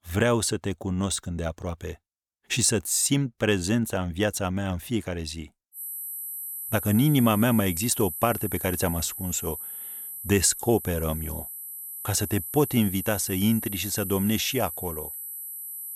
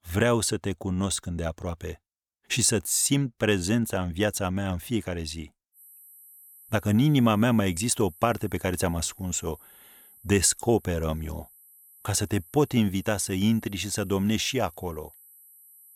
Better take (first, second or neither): second